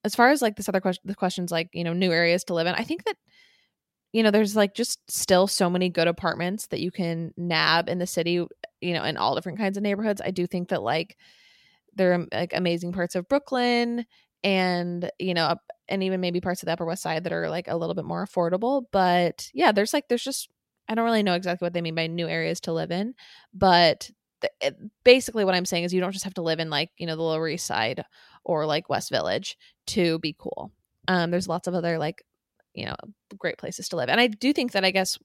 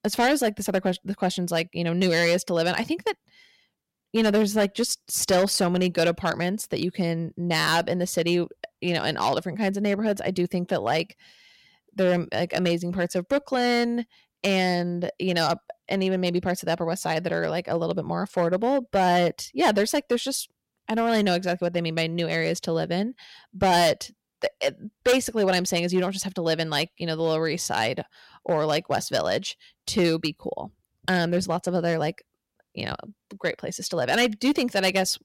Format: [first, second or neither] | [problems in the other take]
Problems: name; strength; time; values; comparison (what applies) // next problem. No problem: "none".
first | distortion; slight; 4% of the sound clipped